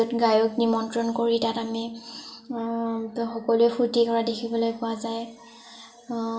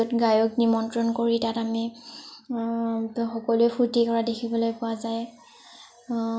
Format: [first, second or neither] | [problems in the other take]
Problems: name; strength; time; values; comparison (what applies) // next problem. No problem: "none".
second | room echo; dies away in 2.7 s